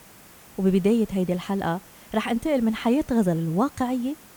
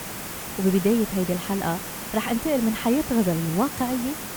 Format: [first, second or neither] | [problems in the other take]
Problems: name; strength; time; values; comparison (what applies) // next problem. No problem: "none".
first | hiss; loud; throughout; 7 dB below the speech; faint in the first